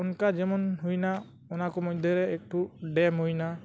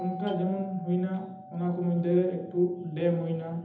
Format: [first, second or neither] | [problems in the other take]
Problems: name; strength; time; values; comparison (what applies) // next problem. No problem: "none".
first | background sound (Doorbell); 16 dB below the speech // room echo; dies away in 0.8 s